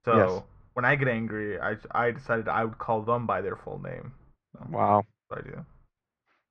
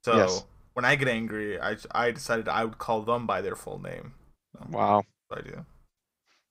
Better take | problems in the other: second | muffled; very; fading above 1.5 kHz

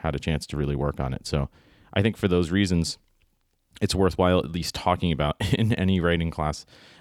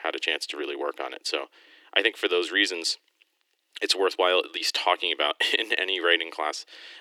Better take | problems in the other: first | thin; very; fading below 300 Hz

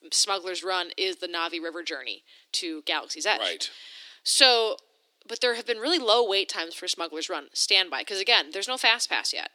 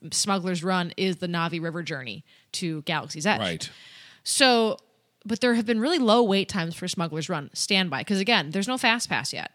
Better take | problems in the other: second | thin; very; fading below 300 Hz

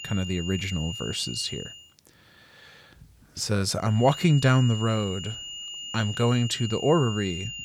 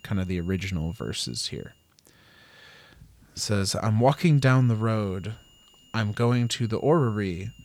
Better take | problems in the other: second | high-pitched whine; loud; until 2 s and from 4 s on; 3 kHz, 10 dB below the speech; faint in the second

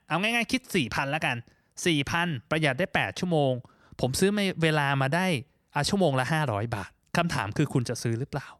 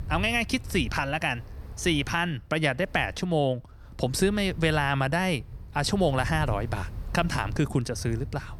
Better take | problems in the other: first | wind noise on the microphone; occasional gusts; 25 dB below the speech

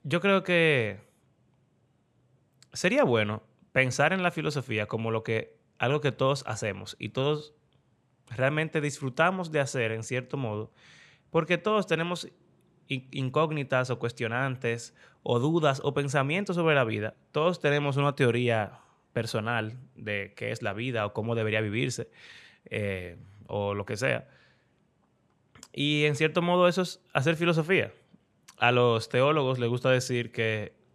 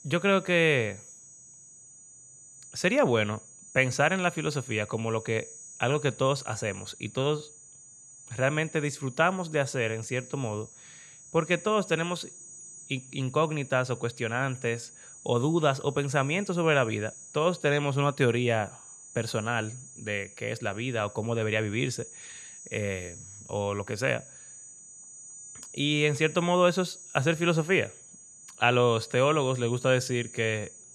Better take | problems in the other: first | high-pitched whine; noticeable; throughout; 6.5 kHz, 15 dB below the speech

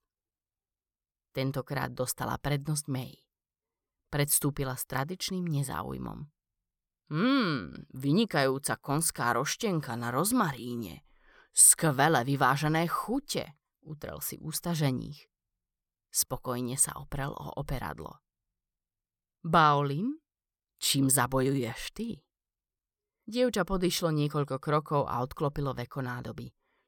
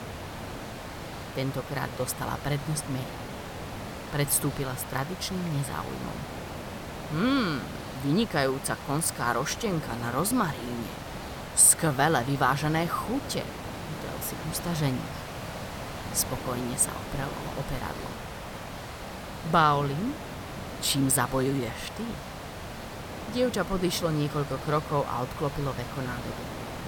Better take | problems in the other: first | hiss; loud; throughout; 10 dB below the speech

